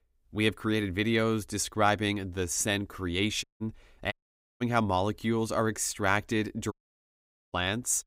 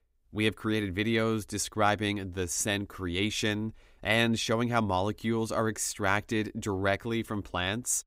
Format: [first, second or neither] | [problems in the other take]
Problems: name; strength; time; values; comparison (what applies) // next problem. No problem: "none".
second | audio cutting out; at 3.5 s, at 4 s and at 6.5 s for 1 s